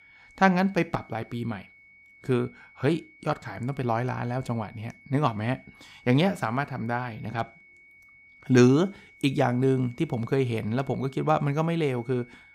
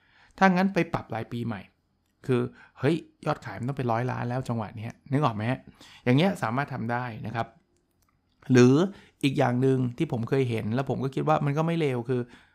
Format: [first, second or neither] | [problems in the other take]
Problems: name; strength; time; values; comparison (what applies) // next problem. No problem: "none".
second | high-pitched whine; faint; throughout; 2 kHz, 25 dB below the speech